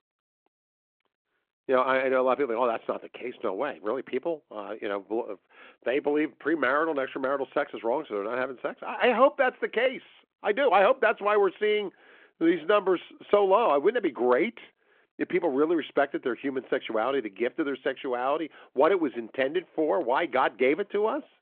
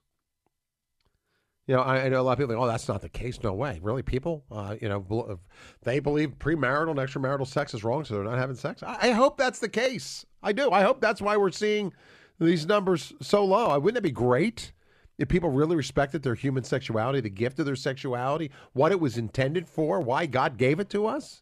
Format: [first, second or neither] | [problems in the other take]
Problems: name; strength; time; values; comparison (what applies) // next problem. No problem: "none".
second | phone-call audio